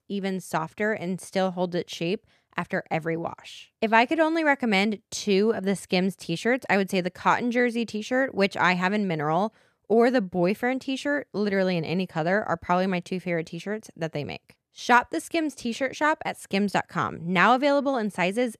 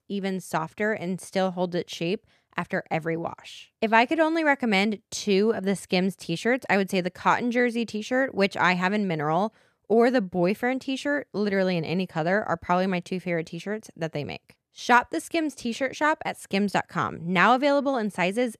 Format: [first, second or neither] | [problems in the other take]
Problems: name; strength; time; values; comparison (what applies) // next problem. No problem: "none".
neither | none